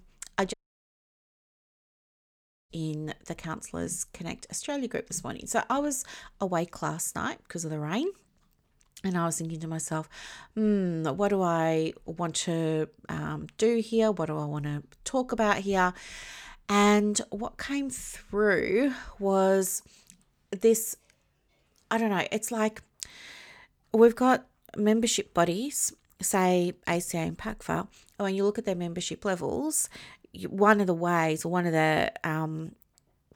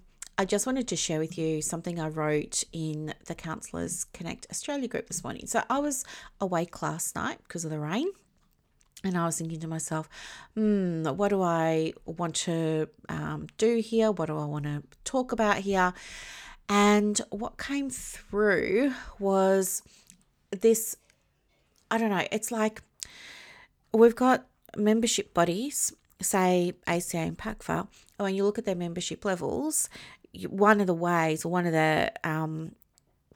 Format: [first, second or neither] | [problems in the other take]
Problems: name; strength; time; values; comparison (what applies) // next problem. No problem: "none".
second | audio cutting out; at 0.5 s for 2 s